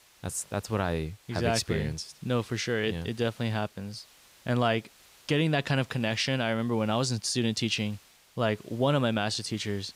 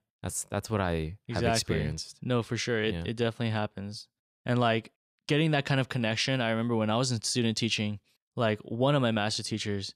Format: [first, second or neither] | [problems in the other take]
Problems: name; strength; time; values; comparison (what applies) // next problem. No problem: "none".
second | hiss; faint; throughout; 25 dB below the speech